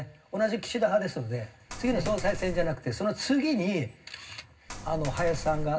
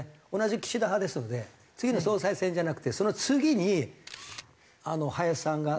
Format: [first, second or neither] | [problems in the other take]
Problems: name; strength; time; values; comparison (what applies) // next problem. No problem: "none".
second | background sound (Coin (dropping)); 5 dB below the speech // room echo; dies away in 0.4 s